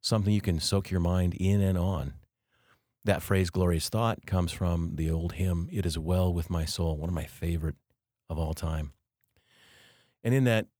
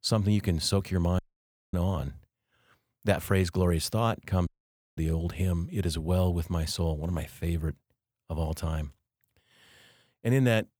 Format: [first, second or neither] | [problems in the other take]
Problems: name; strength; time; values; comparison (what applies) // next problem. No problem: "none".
first | audio cutting out; at 1 s for 0.5 s and at 4.5 s for 0.5 s